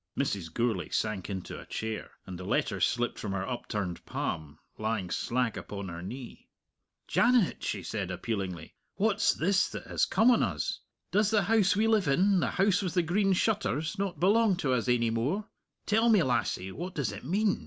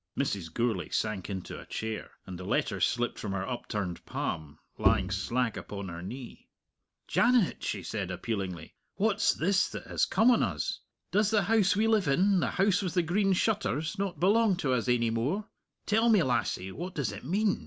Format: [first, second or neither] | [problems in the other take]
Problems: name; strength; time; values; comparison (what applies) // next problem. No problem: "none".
first | background sound (Bowed string instrument); 2 dB below the speech